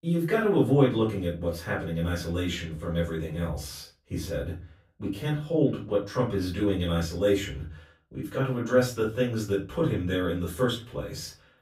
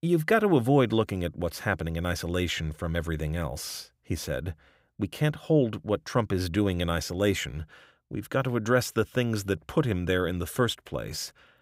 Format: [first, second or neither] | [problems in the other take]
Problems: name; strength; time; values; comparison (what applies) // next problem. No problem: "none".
second | off-mic speech; far // room echo; slight; dies away in 0.3 s